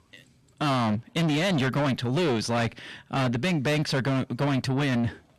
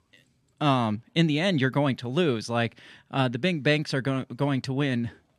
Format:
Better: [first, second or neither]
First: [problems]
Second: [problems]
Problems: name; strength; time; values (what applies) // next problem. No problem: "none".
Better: second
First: distortion; heavy; 6 dB below the speech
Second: none